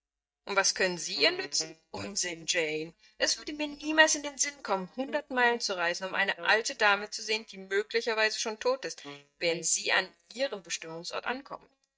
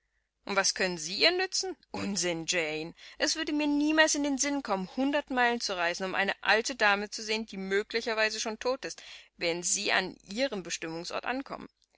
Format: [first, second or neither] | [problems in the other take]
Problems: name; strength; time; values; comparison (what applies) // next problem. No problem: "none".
second | noise reduction (neural mask model DeepFilterNet 3)